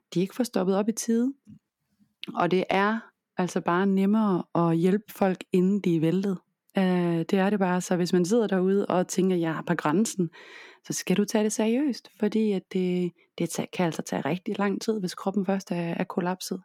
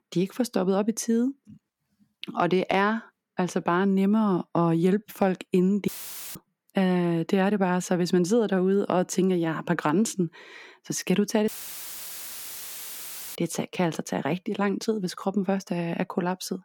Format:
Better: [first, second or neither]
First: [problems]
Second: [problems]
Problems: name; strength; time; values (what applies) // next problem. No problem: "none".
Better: first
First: none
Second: audio cutting out; filled with static; at 6 s and at 11 s for 2 s